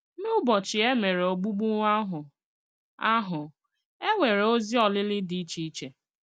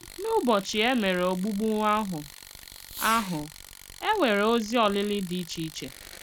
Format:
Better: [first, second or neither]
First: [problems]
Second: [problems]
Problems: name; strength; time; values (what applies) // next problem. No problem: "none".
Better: first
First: none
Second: background sound (Fireworks + Tools); 16 dB below the speech